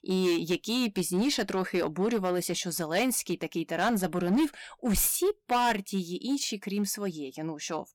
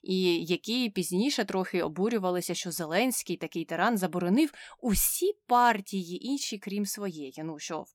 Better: second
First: distortion; slight; 7% of the sound clipped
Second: none

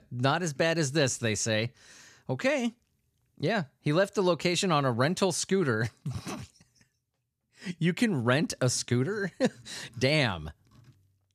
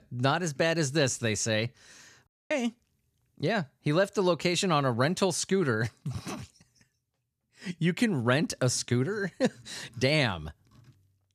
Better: first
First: none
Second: audio cutting out; at 2.5 s

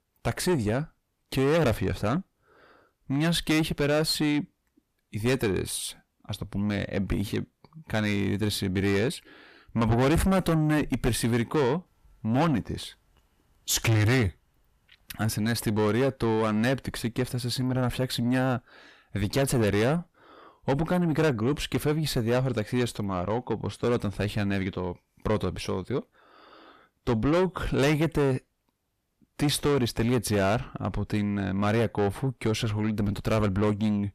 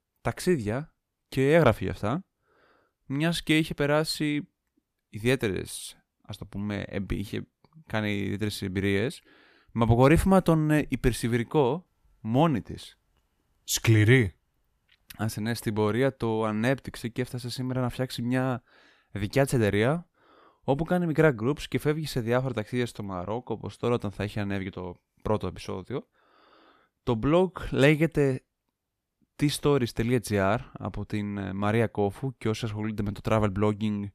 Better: second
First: distortion; heavy; 6 dB below the speech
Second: none

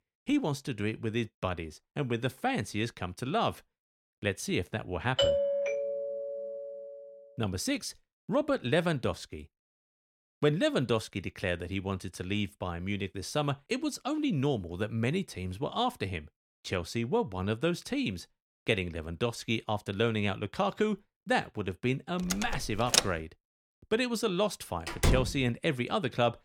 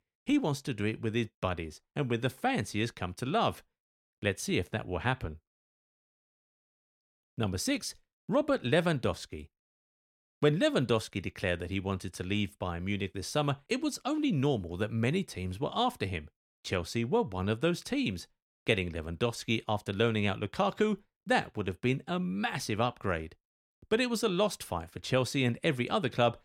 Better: second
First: doorbell; loud; from 5 to 7 s; peak 5 dB above the speech // door banging; loud; at 22 s and at 25 s; peak 6 dB above the speech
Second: none

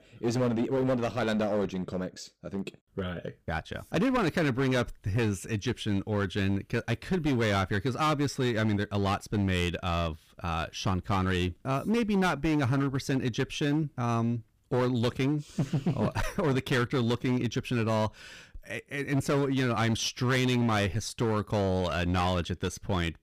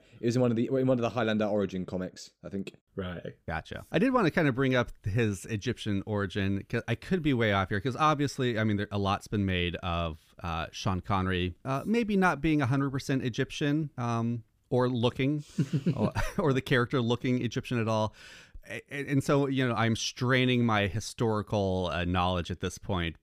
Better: second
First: distortion; slight; 14% of the sound clipped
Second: none

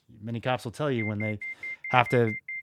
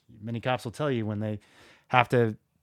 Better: second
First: alarm; noticeable; from 1 s on; peak 7 dB below the speech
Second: none

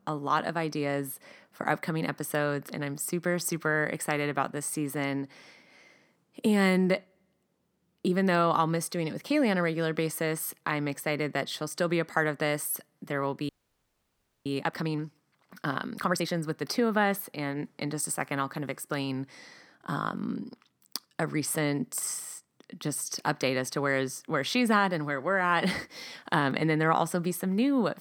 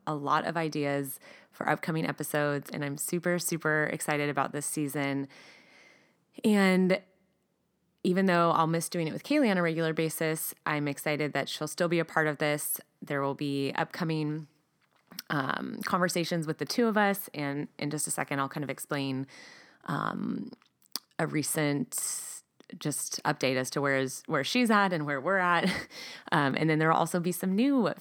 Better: second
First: audio freezing; at 13 s for 1 s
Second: none

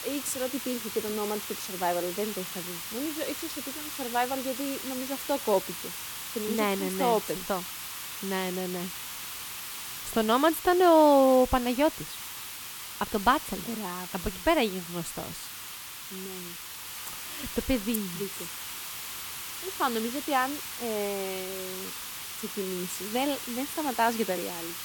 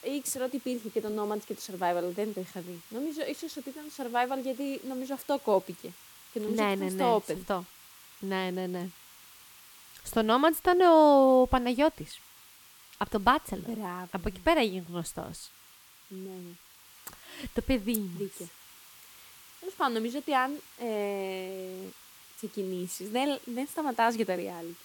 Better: second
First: hiss; loud; throughout; 7 dB below the speech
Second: hiss; faint; throughout; 20 dB below the speech

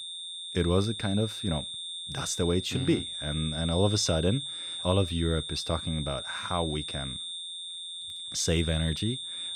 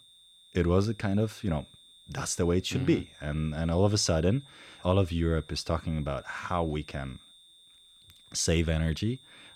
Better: second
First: high-pitched whine; loud; throughout; 3.5 kHz, 5 dB below the speech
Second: high-pitched whine; faint; throughout; 3.5 kHz, 25 dB below the speech

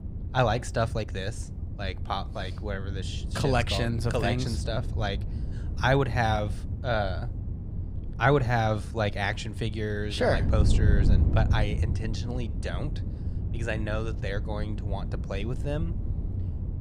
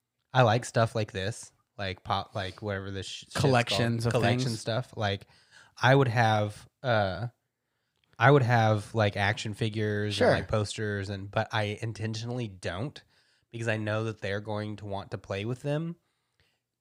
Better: second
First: wind noise on the microphone; occasional gusts; 15 dB below the speech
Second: none

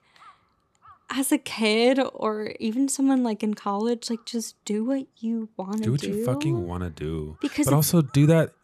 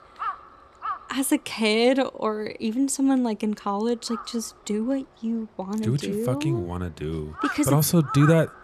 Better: first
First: animal sounds; faint; throughout; 30 dB below the speech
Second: animal sounds; loud; throughout; 9 dB below the speech

